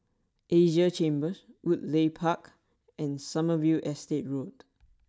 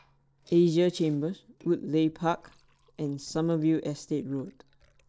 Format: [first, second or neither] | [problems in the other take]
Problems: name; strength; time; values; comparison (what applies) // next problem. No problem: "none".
first | noise reduction (neural separator model SepFormer DNS4)